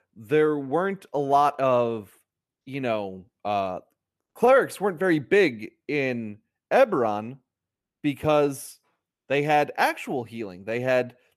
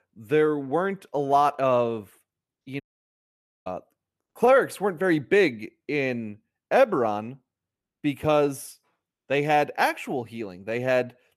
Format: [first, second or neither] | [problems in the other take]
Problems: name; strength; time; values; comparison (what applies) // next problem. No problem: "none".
first | audio cutting out; at 3 s for 1 s